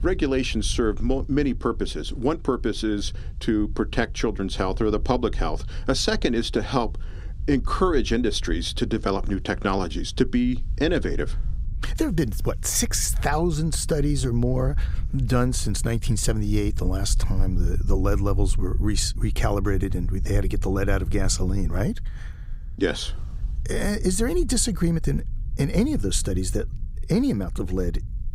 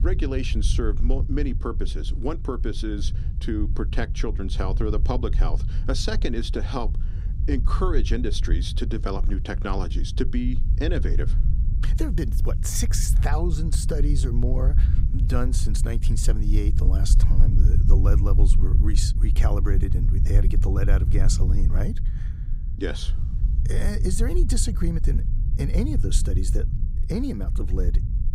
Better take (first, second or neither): first